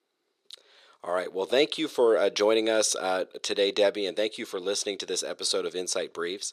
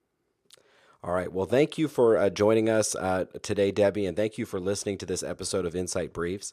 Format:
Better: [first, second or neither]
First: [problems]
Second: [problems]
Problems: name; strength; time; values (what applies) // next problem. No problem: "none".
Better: second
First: thin; somewhat; fading below 400 Hz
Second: none